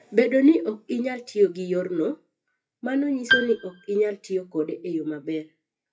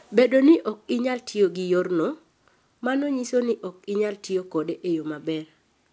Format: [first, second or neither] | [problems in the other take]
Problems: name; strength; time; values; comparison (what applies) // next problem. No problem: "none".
second | noise reduction (classical method WPE with log-MMSE)